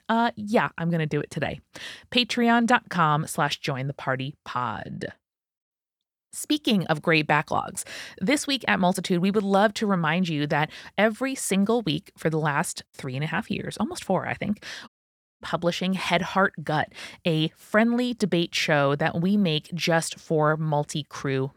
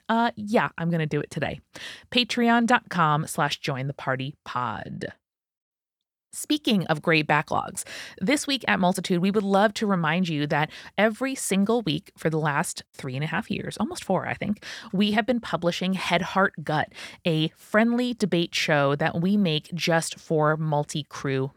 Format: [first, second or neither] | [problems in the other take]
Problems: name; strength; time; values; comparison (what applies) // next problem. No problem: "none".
second | audio cutting out; at 15 s for 0.5 s